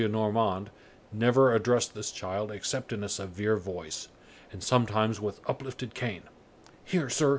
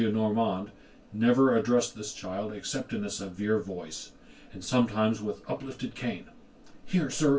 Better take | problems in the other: first | room echo; dies away in 0.1 s

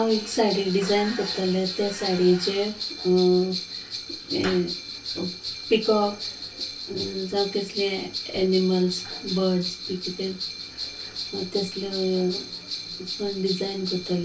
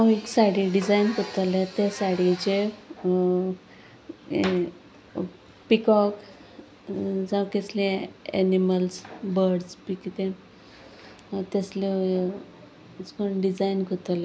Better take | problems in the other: second | background sound (Bell); 9 dB below the speech // room echo; dies away in 0.1 s

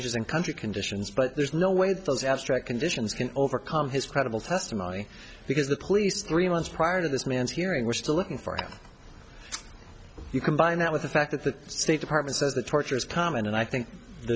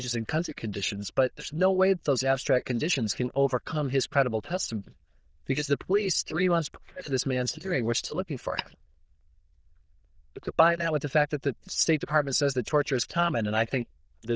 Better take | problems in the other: first | noise reduction (neural diffusion model UNIVERSE++)

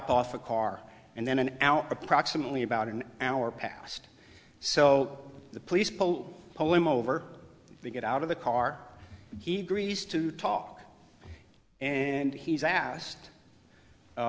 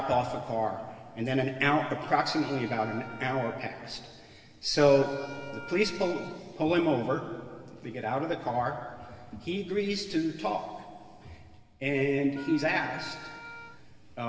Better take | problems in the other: first | background sound (Wind instrument, woodwind instrument); 16 dB below the speech // room echo; dies away in 2.3 s

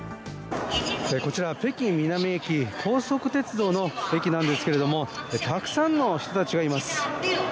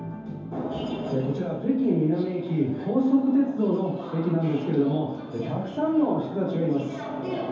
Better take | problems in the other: first | room echo; dies away in 0.9 s

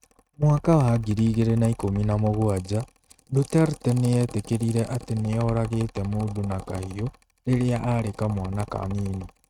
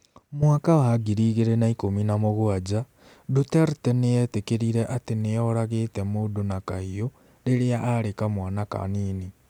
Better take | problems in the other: second | noise reduction (neural mask model RNNoise)

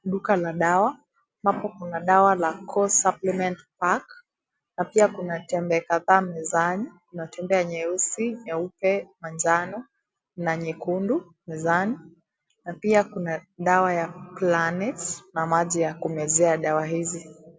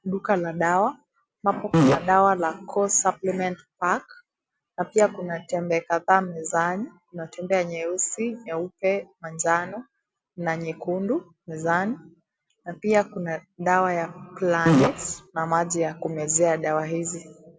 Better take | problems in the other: first | background sound (Fart); 5 dB above the speech

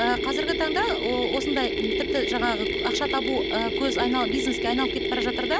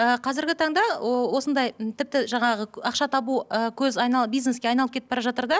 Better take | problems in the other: second | background sound (Mechanisms); 1 dB above the speech

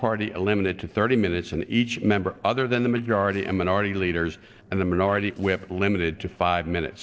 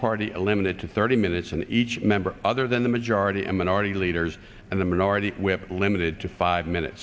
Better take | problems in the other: second | noise reduction (neural separator model SepFormer DNS4)

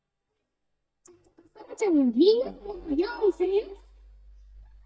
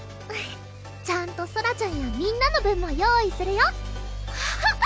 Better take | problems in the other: second | noise reduction (neural mask model DeepFilterNet 3)

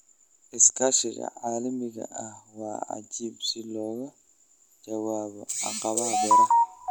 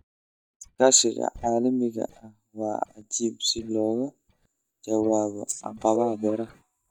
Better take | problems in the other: first | noise reduction (neural mask model DeepFilterNet 3)

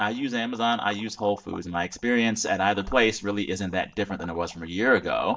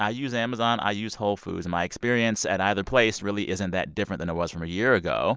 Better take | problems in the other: second | noise reduction (neural mask model DeepFilterNet 3)

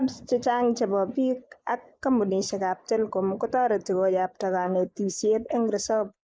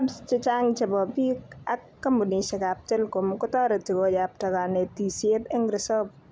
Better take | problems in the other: second | noise reduction (neural mask model Resemble Enhance denoiser)

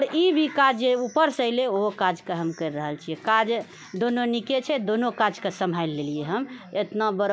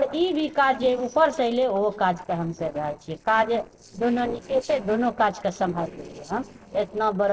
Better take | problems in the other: first | noise reduction (neural separator model SepFormer DNS4)

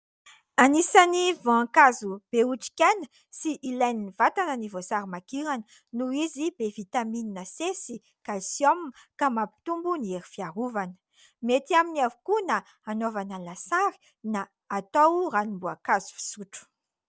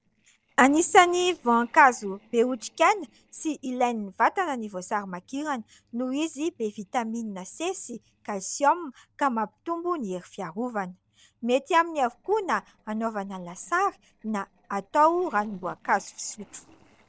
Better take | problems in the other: first | noise reduction (neural separator model SepFormer DNS4)

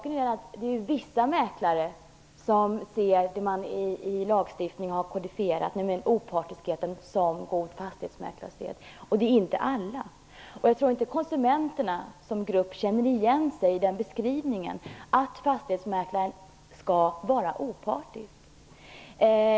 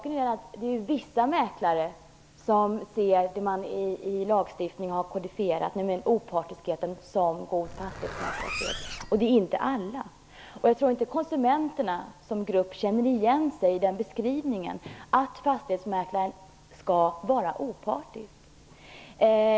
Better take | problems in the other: first | background sound (Zipper (clothing)); 10 dB below the speech

